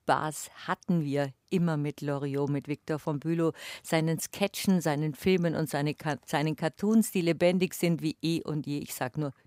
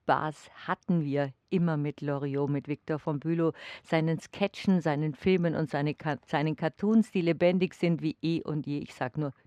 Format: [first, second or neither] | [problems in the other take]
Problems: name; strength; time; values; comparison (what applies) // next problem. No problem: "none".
first | muffled; slightly; fading above 3 kHz